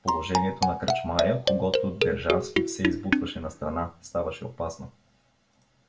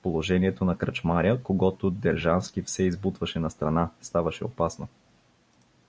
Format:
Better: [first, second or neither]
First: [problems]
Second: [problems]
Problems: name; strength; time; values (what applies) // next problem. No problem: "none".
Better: second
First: background sound (Marimba, xylophone); 3 dB above the speech // room echo; dies away in 0.2 s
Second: none